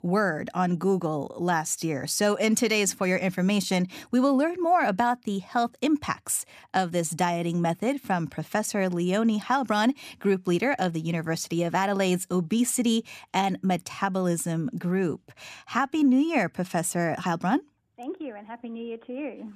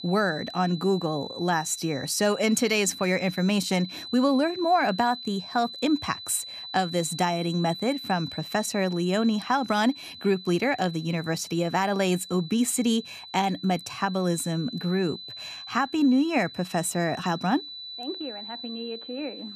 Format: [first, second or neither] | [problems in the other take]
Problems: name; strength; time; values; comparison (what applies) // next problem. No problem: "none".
first | high-pitched whine; noticeable; throughout; 4 kHz, 10 dB below the speech